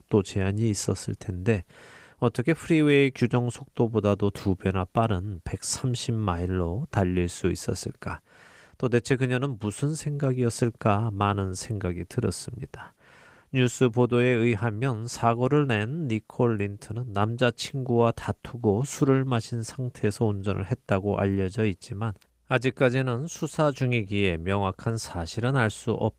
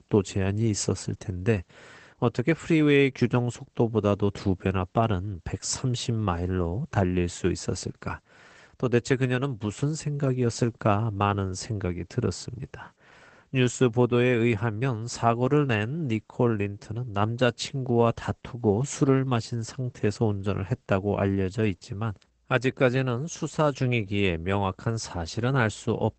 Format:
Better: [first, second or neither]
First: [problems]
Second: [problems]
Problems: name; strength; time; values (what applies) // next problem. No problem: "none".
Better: first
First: garbled, watery; slightly; nothing above 15.5 kHz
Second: garbled, watery; badly; nothing above 8 kHz